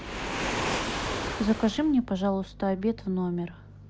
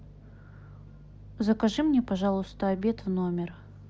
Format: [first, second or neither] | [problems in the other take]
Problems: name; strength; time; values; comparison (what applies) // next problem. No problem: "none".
second | background sound (Waves, surf); 5 dB below the speech